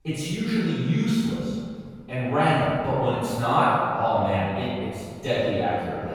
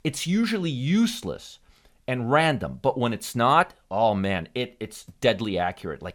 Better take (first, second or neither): second